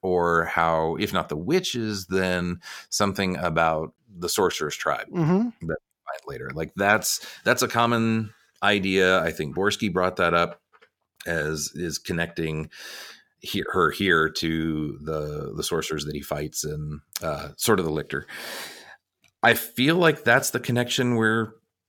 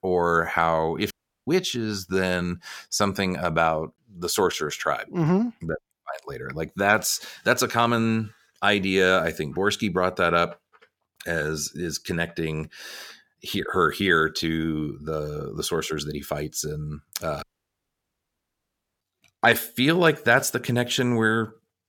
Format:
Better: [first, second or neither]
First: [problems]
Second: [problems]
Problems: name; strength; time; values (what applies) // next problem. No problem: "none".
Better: first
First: none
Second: audio cutting out; at 1 s and at 17 s for 1.5 s